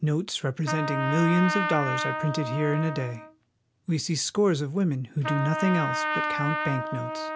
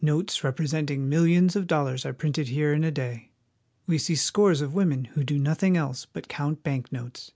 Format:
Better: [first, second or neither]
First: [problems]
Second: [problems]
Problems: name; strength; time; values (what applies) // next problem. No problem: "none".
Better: second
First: background sound (Trumpet); 4 dB below the speech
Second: none